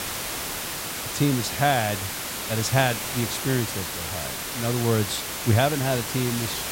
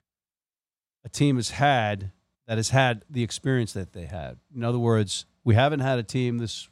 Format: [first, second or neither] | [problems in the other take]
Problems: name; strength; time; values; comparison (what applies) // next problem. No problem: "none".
second | hiss; loud; throughout; 4 dB below the speech